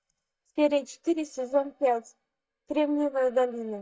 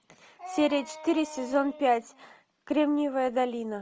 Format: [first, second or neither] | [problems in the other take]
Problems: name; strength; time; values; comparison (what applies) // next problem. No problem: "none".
second | noise reduction (neural mask model DeepFilterNet 3)